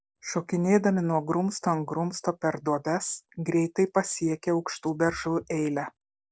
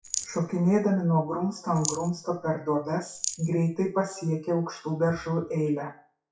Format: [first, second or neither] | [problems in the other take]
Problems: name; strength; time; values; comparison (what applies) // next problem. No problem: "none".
first | noise reduction (classical method WPE with log-MMSE)